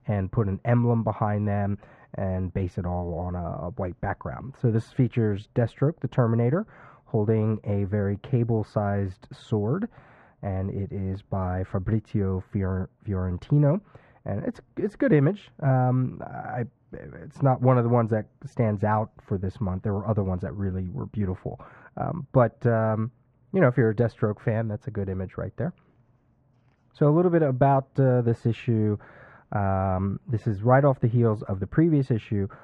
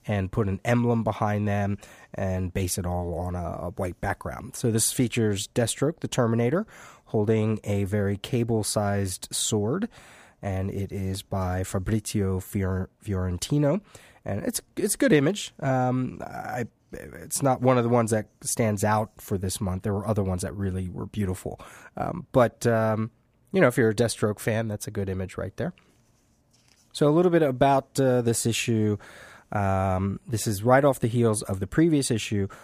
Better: second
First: muffled; very; fading above 1.5 kHz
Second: none

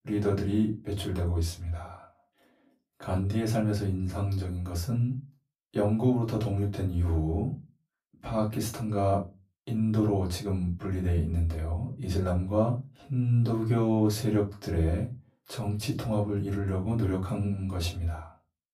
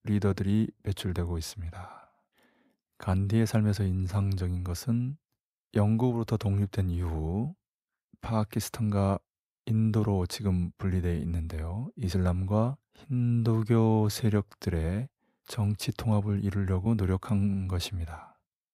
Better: second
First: off-mic speech; far // room echo; very slight; dies away in 0.2 s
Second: none

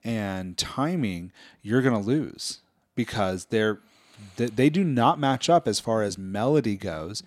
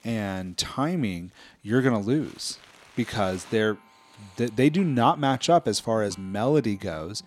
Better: first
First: none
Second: household noises; faint; throughout; 25 dB below the speech

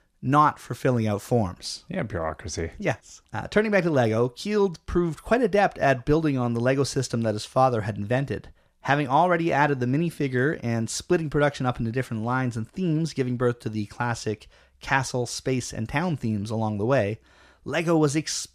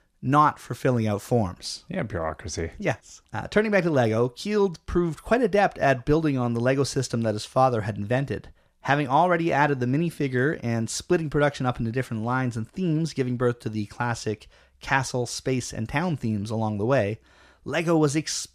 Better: neither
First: none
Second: none

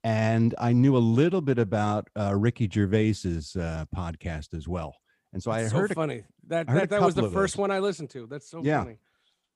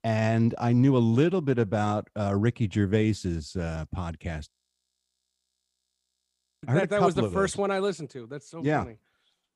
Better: first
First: none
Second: audio freezing; at 4.5 s for 2 s

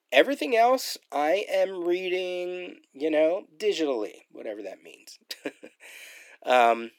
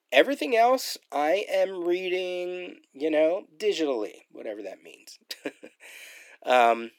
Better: neither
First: thin; very; fading below 300 Hz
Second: thin; very; fading below 300 Hz

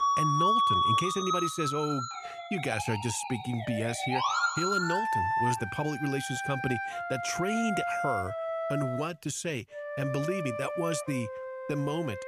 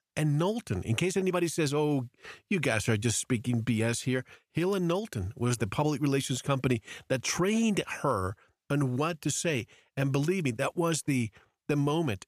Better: second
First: background music; very loud; throughout; 2 dB above the speech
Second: none

